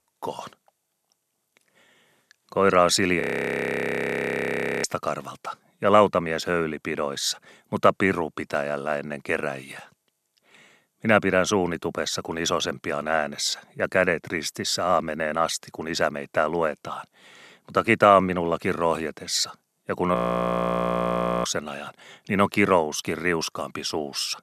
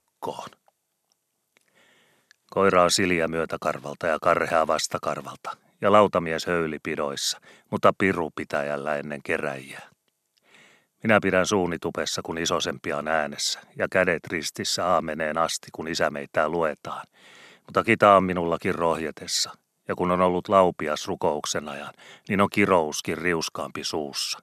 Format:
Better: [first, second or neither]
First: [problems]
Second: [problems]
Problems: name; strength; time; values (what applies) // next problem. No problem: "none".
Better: second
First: audio freezing; at 3 s for 1.5 s and at 20 s for 1.5 s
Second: none